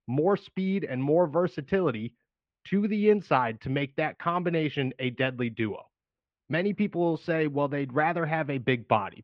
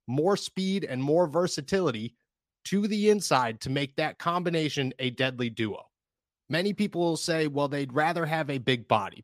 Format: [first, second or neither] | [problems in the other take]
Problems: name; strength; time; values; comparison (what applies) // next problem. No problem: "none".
second | muffled; very; fading above 2.5 kHz